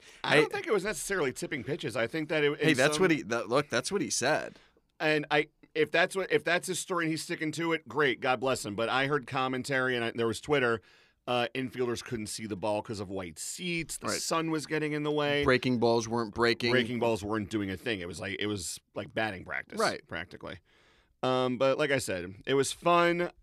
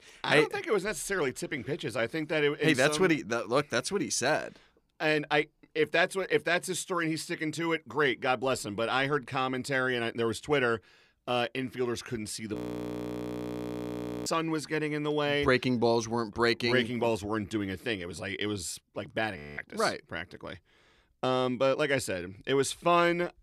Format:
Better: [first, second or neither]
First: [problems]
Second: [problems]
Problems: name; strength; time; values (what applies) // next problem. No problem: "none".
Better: first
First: none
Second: audio freezing; at 13 s for 1.5 s and at 19 s